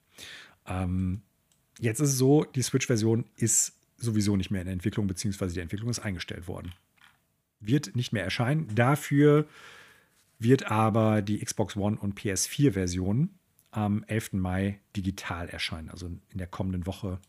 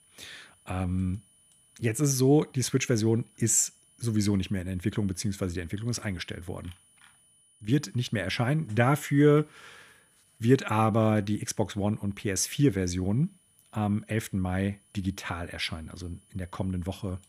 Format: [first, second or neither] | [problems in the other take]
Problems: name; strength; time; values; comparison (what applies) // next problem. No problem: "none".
first | high-pitched whine; faint; throughout; 9.5 kHz, 35 dB below the speech